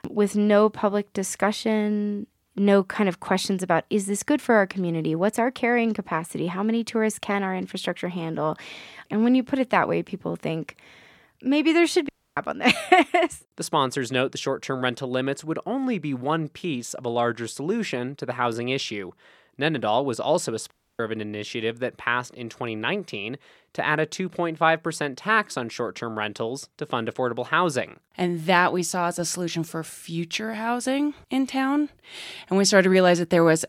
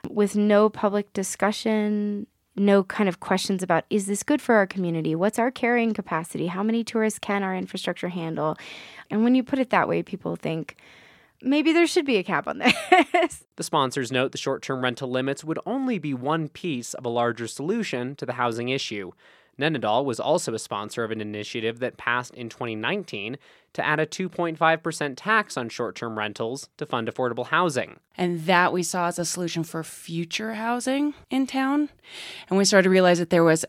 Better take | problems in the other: second | audio cutting out; at 12 s and at 21 s

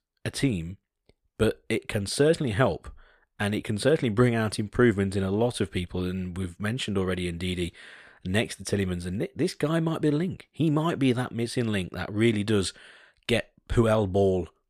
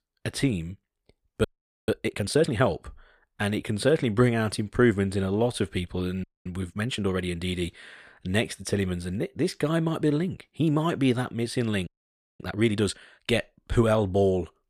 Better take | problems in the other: first | audio freezing; at 1.5 s, at 6 s and at 12 s for 0.5 s

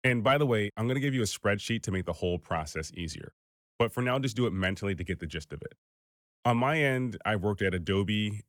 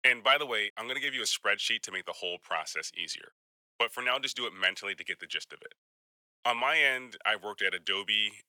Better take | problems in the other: first | thin; very; fading below 700 Hz

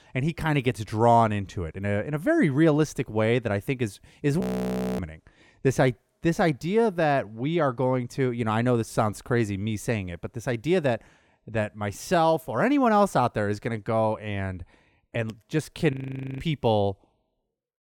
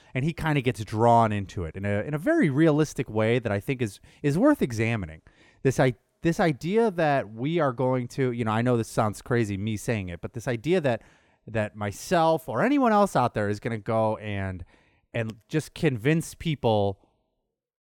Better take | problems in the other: second | audio freezing; at 4.5 s for 0.5 s and at 16 s

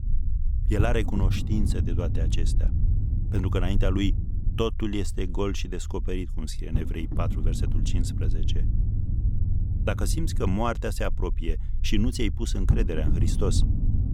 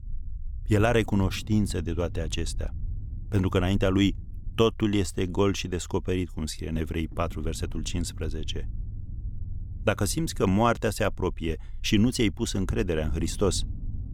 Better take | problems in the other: second | low rumble; loud; throughout; 9 dB below the speech; faint in the second

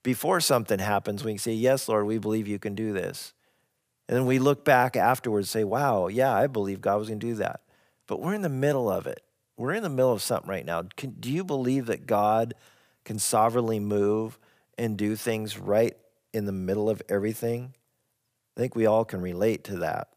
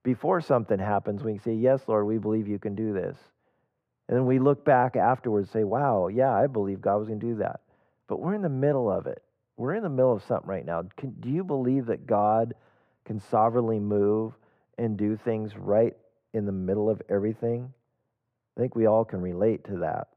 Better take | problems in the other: first | muffled; very; fading above 3 kHz

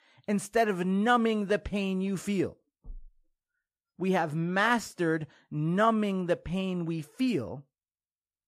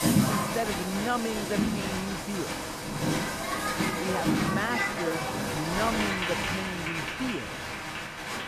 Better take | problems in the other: first | crowd noise; very loud; throughout; 4 dB above the speech

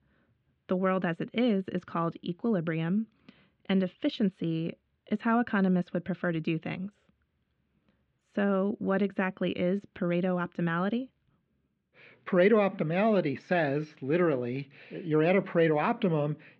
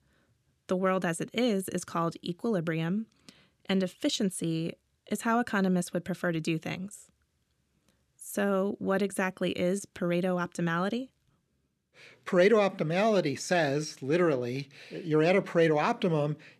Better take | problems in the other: second | muffled; very; fading above 3 kHz

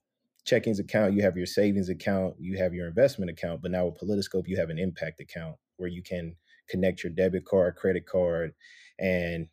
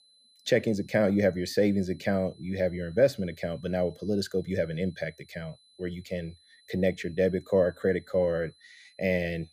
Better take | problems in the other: first | high-pitched whine; faint; throughout; 4 kHz, 30 dB below the speech

